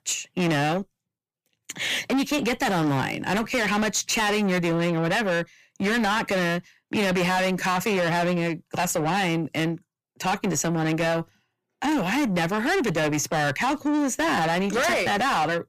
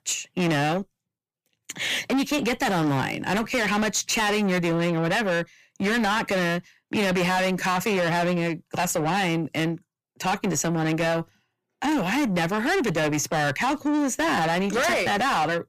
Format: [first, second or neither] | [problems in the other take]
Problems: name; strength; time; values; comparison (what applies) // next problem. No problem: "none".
neither | distortion; heavy; 7 dB below the speech; the same in both